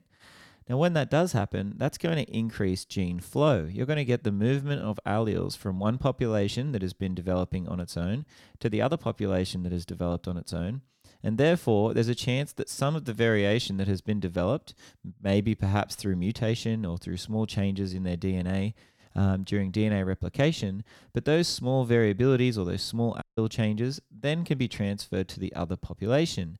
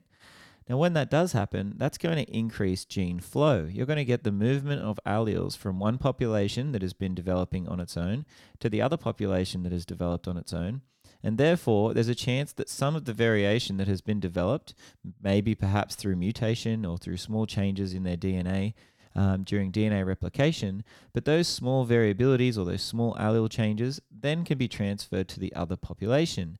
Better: second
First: audio cutting out; at 23 s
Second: none

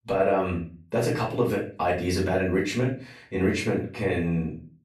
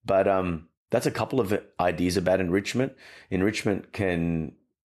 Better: second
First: room echo; slight; dies away in 0.3 s // off-mic speech; far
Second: none

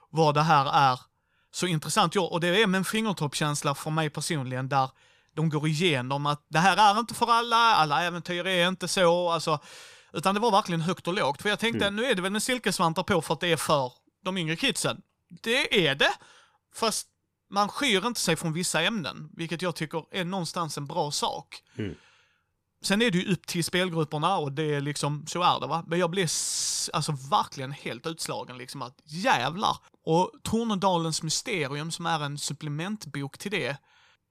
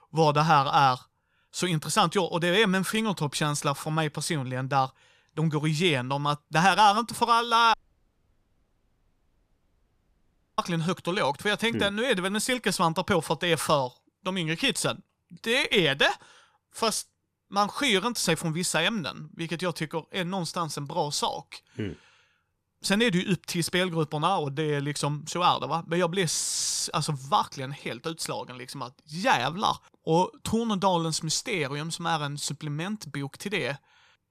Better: first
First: none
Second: audio cutting out; at 7.5 s for 3 s

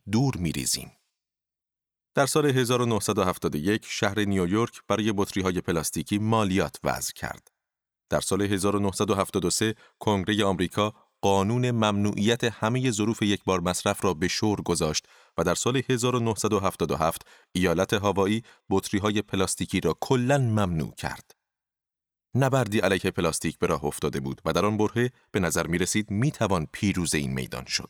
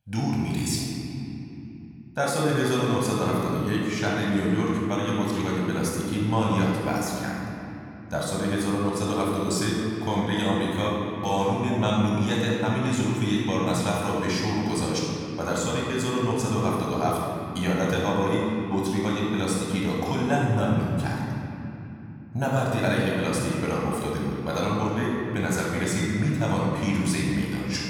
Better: first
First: none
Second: off-mic speech; far // room echo; strong; dies away in 3 s

